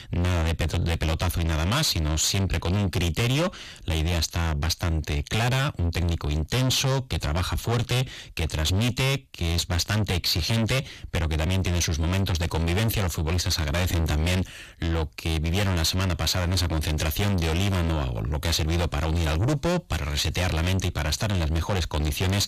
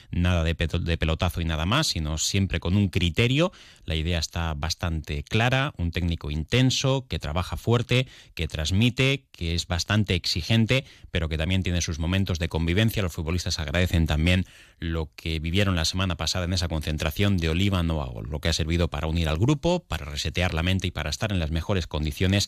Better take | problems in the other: second | distortion; heavy; 5 dB below the speech

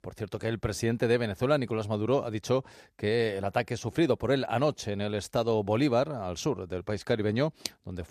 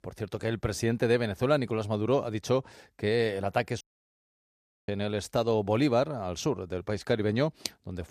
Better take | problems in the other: first | audio cutting out; at 4 s for 1 s

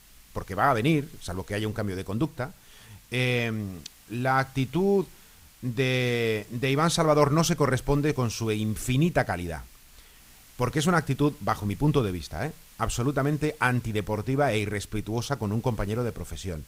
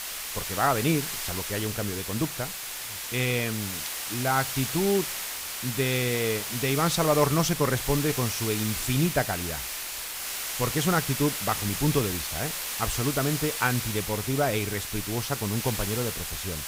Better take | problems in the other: first | hiss; loud; throughout; 3 dB below the speech; faint in the first

